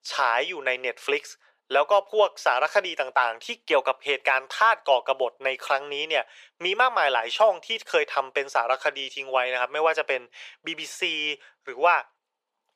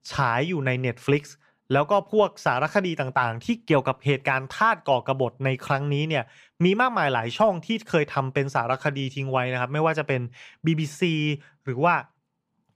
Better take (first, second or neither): second